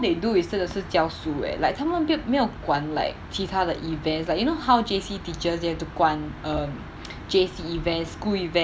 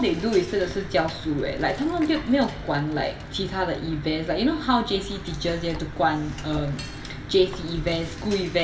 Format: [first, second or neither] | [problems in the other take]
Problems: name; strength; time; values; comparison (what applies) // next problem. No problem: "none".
first | background sound (Cutlery, silverware / Dishes, pots, and pans); 18 dB below the speech // room echo; dies away in 0.7 s